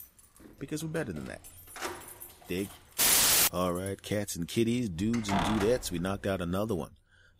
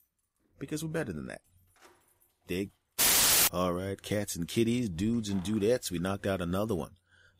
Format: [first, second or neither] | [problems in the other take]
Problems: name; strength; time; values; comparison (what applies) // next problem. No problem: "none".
second | household noises; loud; throughout; 9 dB below the speech; faint in the second